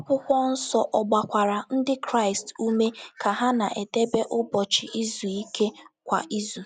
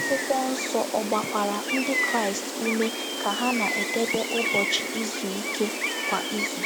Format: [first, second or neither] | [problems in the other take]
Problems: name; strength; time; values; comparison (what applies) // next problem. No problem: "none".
first | background sound (Gull, seagull); as loud as the speech